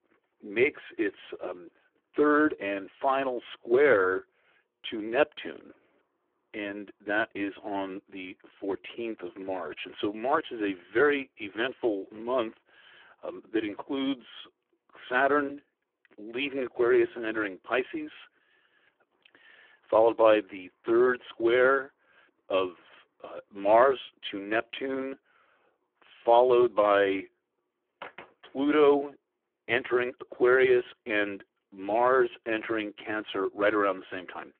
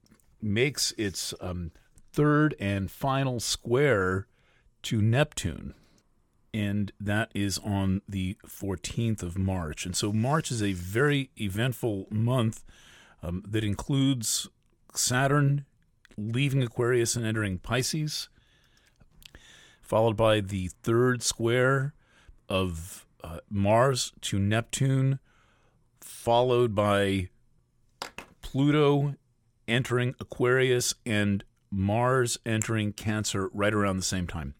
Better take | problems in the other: second | phone-call audio; poor line

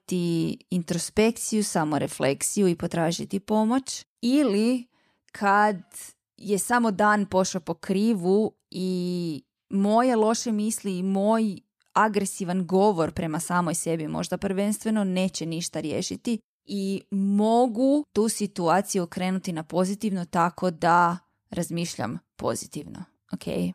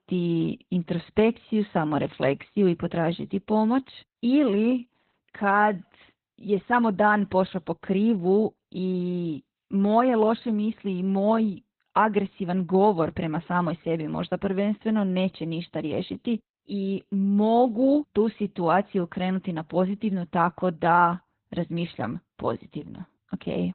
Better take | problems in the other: first | garbled, watery; badly; nothing above 4 kHz

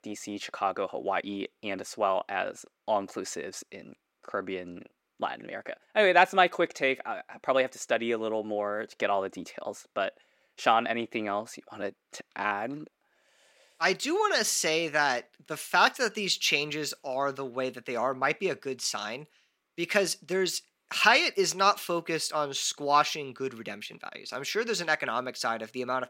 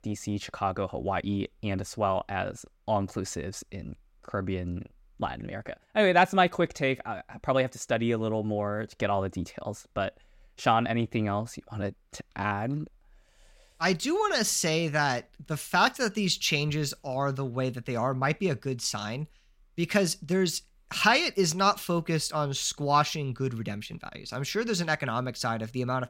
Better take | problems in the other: second | thin; somewhat; fading below 350 Hz

